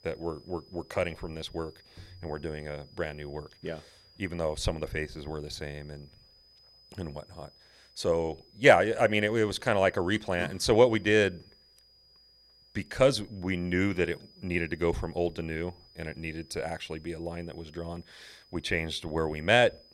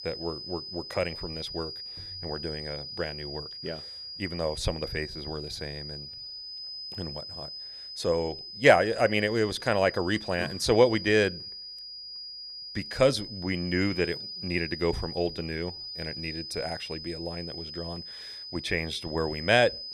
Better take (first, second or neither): first